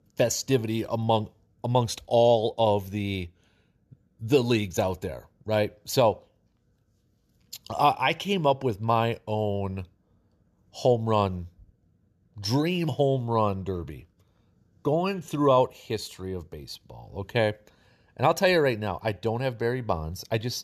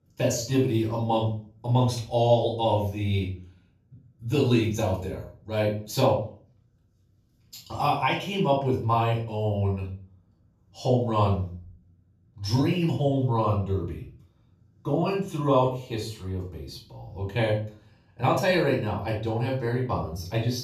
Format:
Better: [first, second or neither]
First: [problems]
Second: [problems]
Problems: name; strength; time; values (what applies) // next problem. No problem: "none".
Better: first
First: none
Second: off-mic speech; far // room echo; slight; dies away in 0.4 s